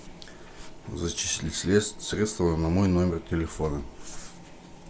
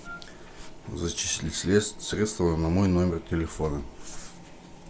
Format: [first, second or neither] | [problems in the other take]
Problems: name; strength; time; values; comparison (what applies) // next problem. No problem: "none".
first | background sound (Wind instrument, woodwind instrument); 19 dB below the speech